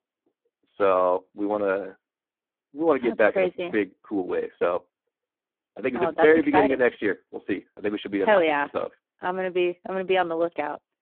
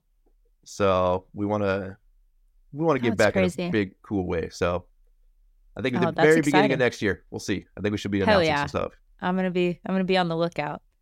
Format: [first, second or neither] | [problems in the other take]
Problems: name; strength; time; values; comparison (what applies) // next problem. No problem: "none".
second | phone-call audio; poor line